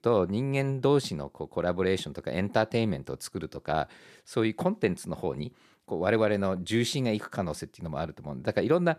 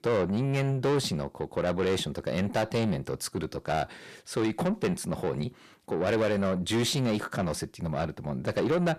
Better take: first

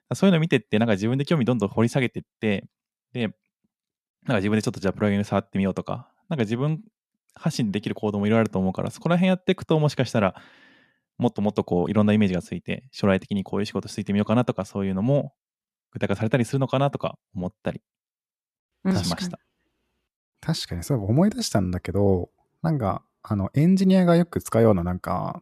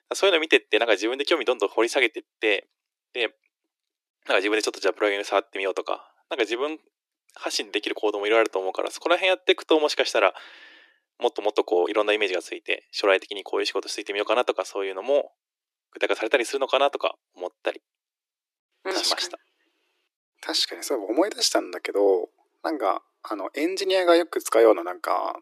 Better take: first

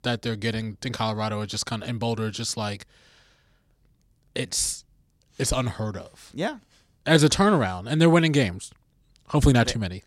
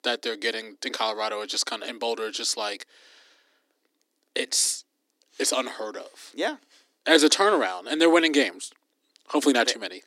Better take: first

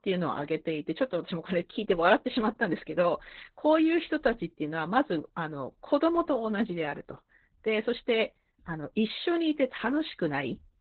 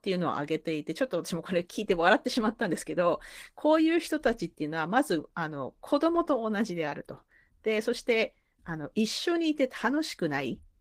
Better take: second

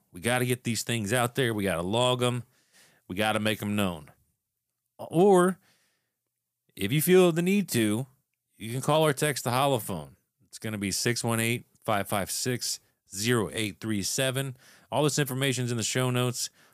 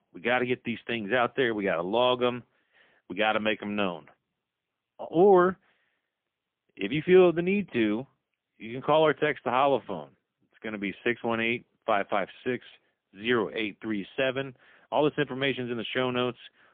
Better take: first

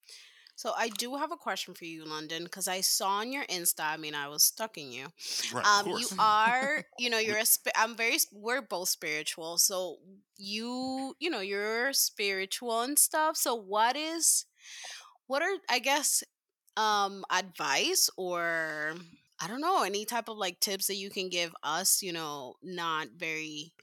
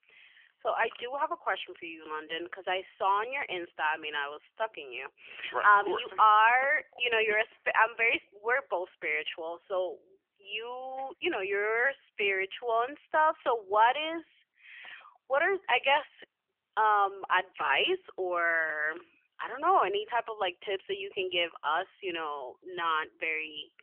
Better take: first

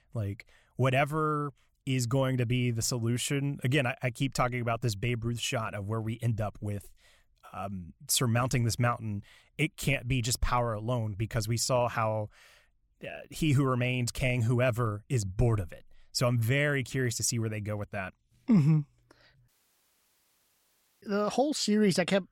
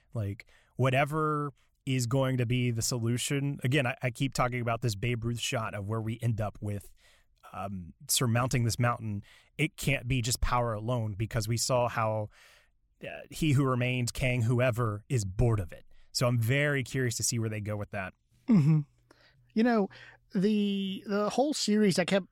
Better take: second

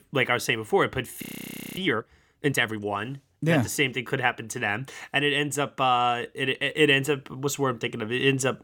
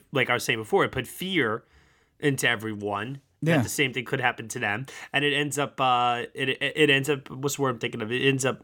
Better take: second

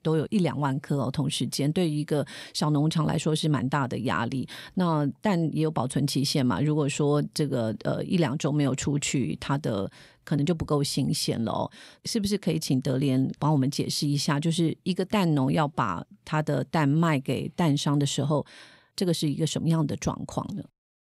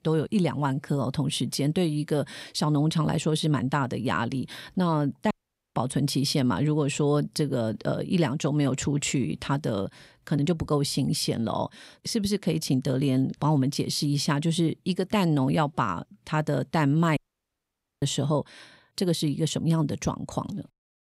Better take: first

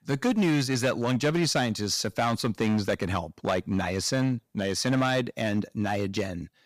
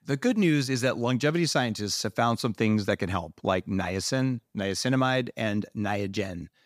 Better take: second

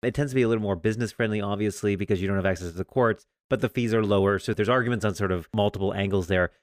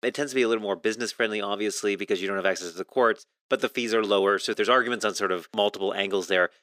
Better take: first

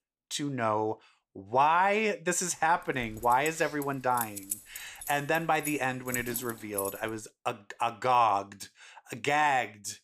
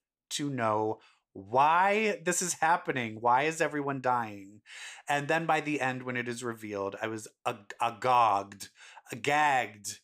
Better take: second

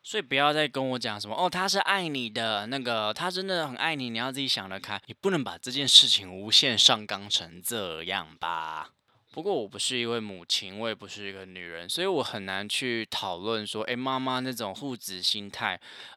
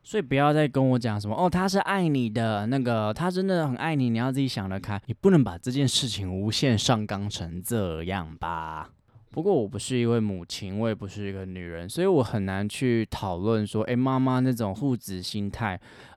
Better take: second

